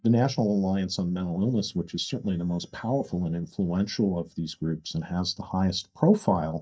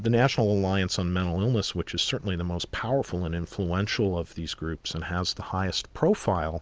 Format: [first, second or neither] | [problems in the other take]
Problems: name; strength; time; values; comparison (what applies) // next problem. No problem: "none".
second | noise reduction (neural mask model DeepFilterNet 3)